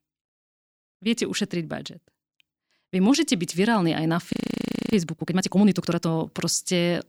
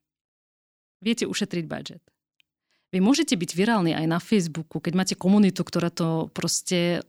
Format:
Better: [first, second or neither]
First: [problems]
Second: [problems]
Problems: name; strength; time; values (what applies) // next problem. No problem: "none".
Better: second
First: audio freezing; at 4.5 s for 0.5 s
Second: none